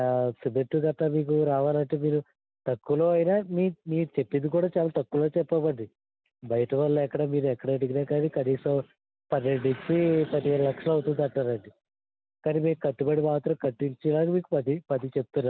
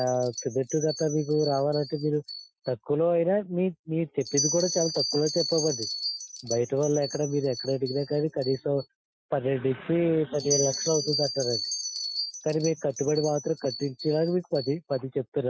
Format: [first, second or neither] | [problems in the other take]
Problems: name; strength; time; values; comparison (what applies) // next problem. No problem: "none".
first | noise reduction (classical method Wiener filter)